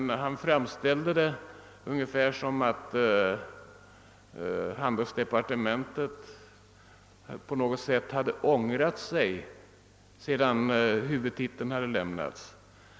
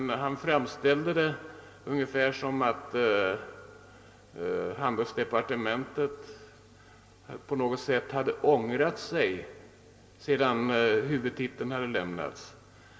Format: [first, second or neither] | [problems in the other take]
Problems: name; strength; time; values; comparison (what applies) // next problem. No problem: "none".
first | room echo; dies away in 2.1 s